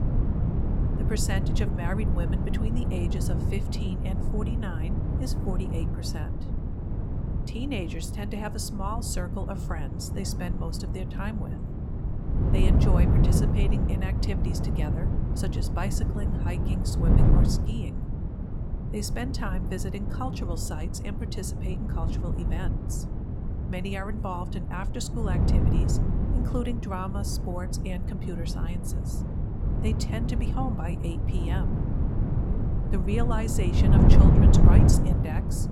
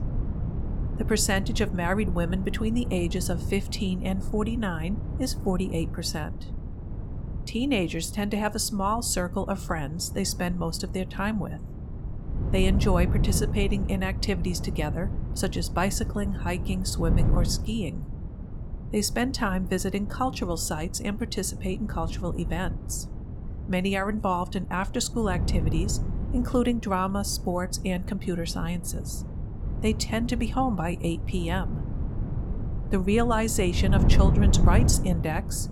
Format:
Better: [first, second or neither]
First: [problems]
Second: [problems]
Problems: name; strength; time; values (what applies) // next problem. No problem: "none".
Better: second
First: wind noise on the microphone; heavy; as loud as the speech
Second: wind noise on the microphone; occasional gusts; 10 dB below the speech